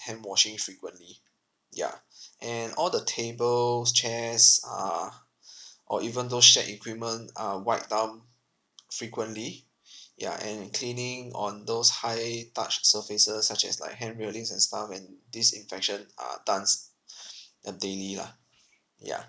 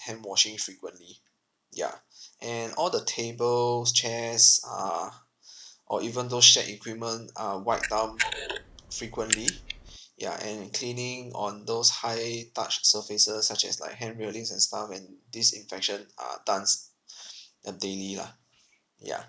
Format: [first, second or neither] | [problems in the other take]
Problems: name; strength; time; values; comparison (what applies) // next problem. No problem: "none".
first | background sound (Camera); 3 dB below the speech